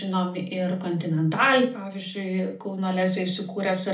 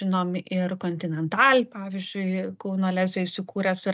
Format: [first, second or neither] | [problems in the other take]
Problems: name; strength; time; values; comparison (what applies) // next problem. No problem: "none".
second | room echo; dies away in 0.4 s